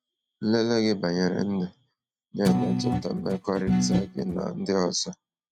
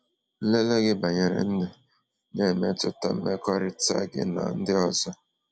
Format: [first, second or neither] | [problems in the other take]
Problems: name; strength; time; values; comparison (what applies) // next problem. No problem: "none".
second | noise reduction (neural mask model RNNoise)